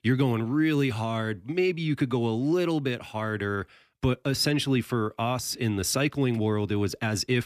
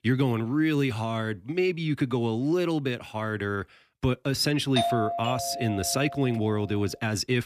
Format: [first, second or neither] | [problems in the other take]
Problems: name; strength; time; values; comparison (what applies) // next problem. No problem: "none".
first | doorbell; loud; from 5 to 6.5 s; peak level with the speech